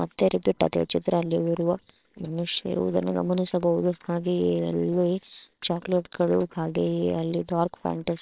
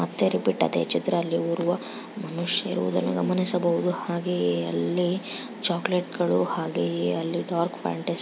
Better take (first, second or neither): second